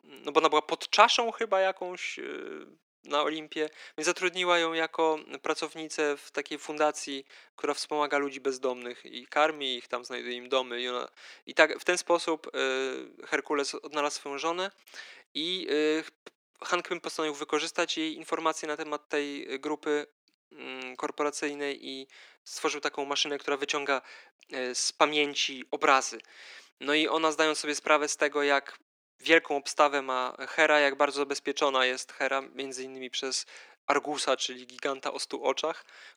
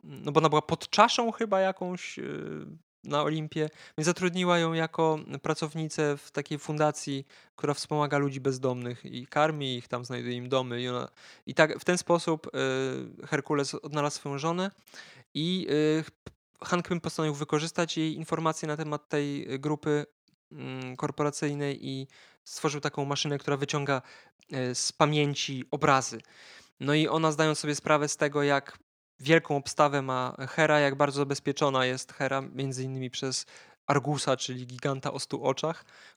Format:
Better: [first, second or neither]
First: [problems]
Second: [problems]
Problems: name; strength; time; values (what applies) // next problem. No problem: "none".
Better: second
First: thin; somewhat; fading below 300 Hz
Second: none